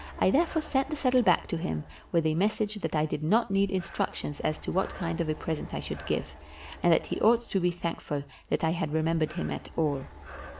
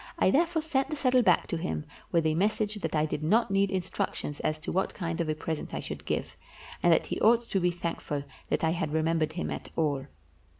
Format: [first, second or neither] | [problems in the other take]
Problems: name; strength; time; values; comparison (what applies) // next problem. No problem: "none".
second | background sound (Breathing); 18 dB below the speech